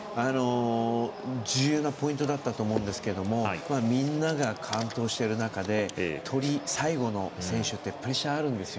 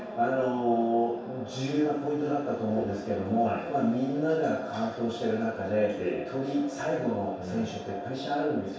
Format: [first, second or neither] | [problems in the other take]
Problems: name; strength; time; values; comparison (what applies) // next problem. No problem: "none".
first | room echo; dies away in 0.7 s